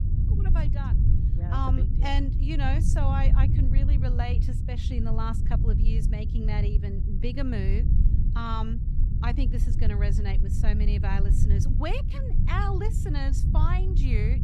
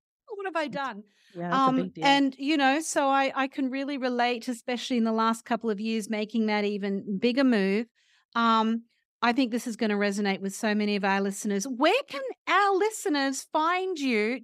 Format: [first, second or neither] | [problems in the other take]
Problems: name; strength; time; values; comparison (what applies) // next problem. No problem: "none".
second | low rumble; loud; throughout; 5 dB below the speech